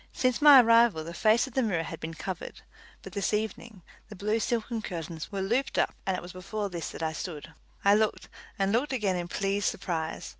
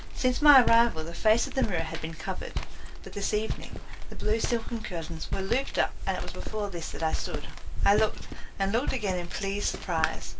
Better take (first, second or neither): first